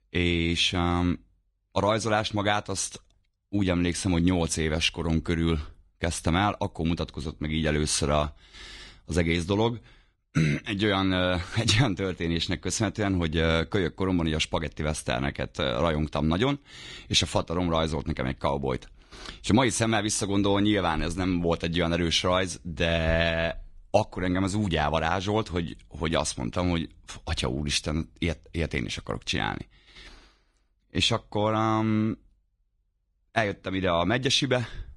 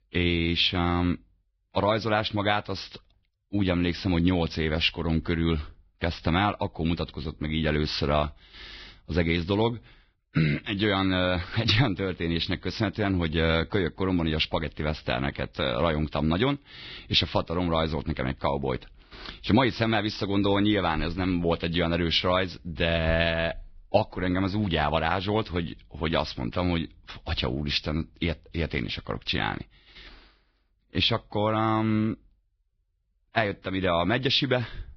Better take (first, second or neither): first